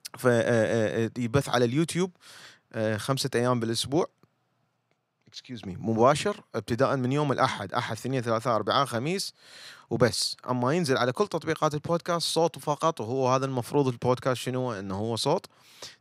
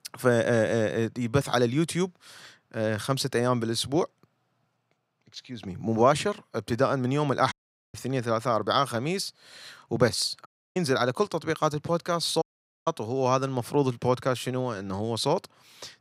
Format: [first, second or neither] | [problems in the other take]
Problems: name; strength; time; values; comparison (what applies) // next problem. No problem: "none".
first | audio cutting out; at 7.5 s, at 10 s and at 12 s